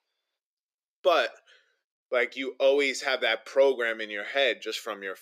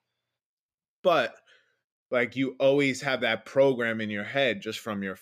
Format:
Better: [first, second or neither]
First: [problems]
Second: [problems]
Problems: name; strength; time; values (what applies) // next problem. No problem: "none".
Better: second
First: thin; somewhat; fading below 350 Hz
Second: none